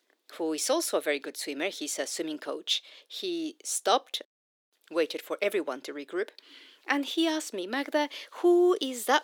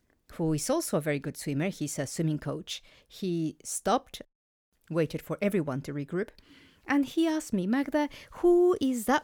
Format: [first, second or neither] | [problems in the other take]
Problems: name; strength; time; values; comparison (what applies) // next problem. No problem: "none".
second | thin; somewhat; fading below 350 Hz